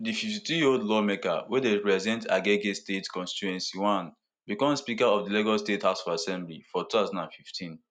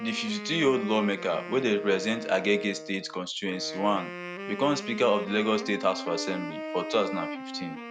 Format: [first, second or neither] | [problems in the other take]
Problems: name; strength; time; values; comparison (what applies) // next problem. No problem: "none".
first | background sound (Wind instrument, woodwind instrument); 9 dB below the speech